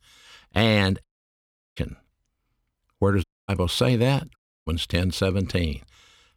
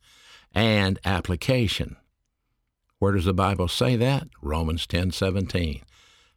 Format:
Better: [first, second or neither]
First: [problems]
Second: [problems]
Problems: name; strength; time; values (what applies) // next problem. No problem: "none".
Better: second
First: audio cutting out; at 1 s for 0.5 s, at 3 s and at 4.5 s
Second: none